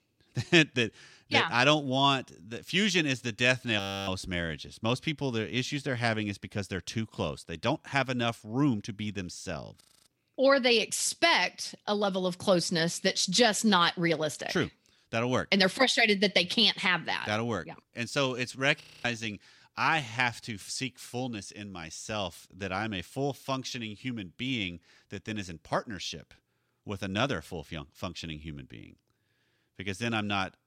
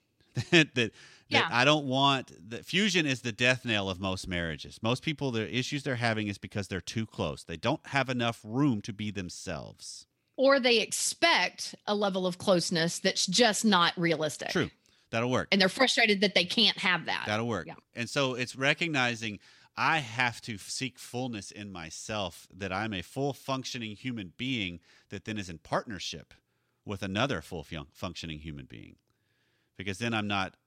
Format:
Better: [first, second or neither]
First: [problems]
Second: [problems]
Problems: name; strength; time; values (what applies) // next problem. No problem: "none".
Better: second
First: audio freezing; at 4 s, at 10 s and at 19 s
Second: none